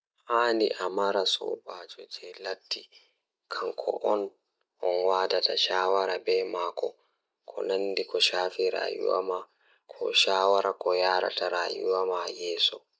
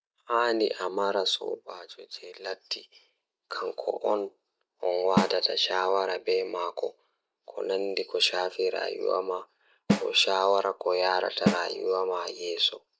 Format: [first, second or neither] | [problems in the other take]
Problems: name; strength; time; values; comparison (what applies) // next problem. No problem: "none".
first | background sound (Snare drum); 4 dB below the speech